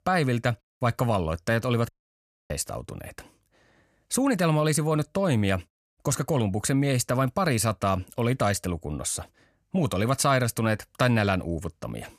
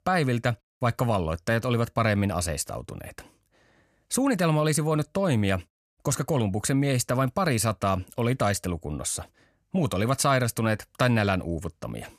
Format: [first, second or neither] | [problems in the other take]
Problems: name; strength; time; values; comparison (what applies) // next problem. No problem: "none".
second | audio cutting out; at 2 s for 0.5 s